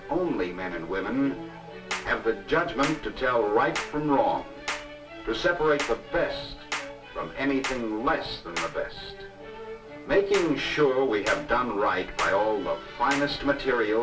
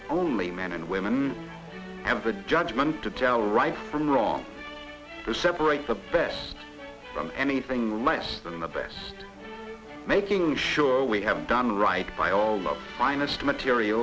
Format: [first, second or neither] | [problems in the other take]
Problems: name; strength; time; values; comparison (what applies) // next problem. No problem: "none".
second | background sound (Clapping); 12 dB below the speech // room echo; dies away in 0.2 s